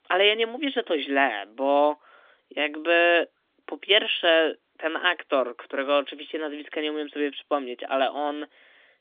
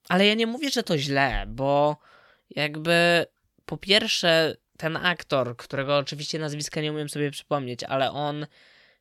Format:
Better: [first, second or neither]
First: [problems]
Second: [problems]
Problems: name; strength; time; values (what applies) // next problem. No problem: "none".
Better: second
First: phone-call audio; nothing above 3.5 kHz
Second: none